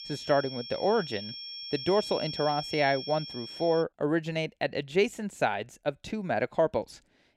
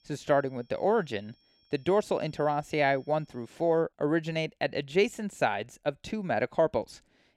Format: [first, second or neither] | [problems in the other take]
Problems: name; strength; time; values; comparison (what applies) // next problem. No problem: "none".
second | high-pitched whine; loud; until 4 s; 5.5 kHz, 8 dB below the speech; faint in the second